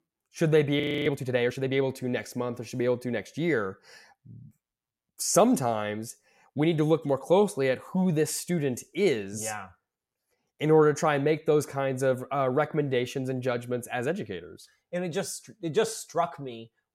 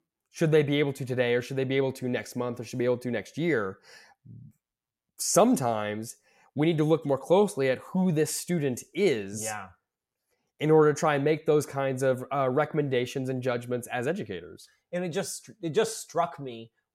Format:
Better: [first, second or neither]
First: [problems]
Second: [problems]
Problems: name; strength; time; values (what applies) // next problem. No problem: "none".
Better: second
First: audio freezing; at 1 s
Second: none